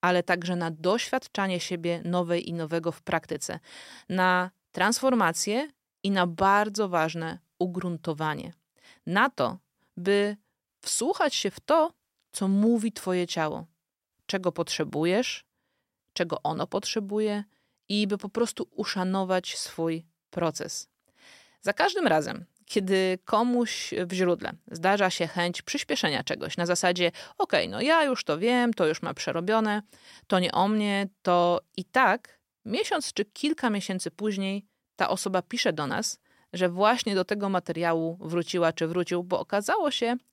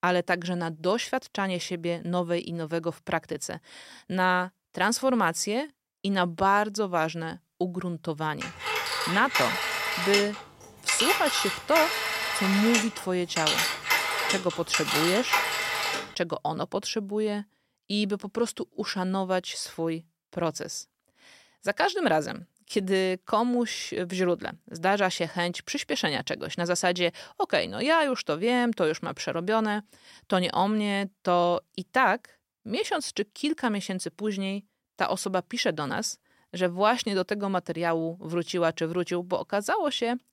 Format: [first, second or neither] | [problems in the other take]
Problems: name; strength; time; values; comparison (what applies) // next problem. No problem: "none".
first | phone ringing; loud; from 8.5 to 16 s; peak 4 dB above the speech